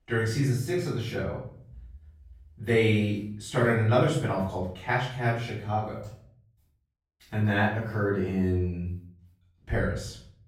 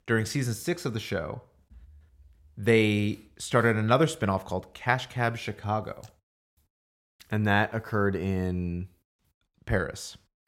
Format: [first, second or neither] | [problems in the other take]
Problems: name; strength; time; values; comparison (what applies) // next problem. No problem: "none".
second | off-mic speech; far // room echo; noticeable; dies away in 0.5 s